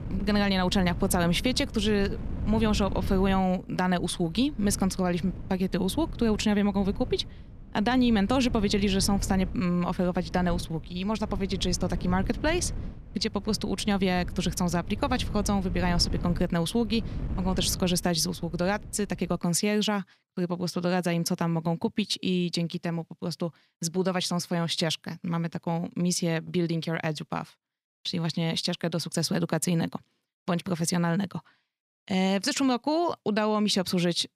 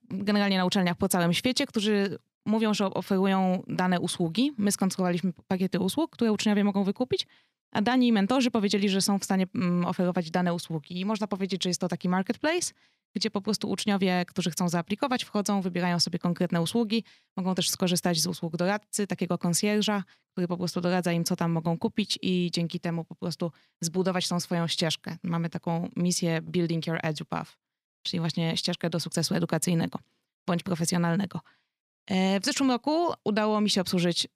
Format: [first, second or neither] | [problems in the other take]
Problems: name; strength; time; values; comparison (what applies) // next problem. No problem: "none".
second | wind noise on the microphone; occasional gusts; until 19 s; 20 dB below the speech